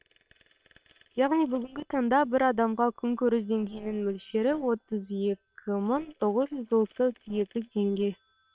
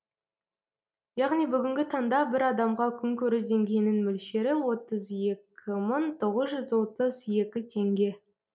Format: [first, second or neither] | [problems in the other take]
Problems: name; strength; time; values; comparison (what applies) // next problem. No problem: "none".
second | noise reduction (neural separator model SepFormer WHAM!)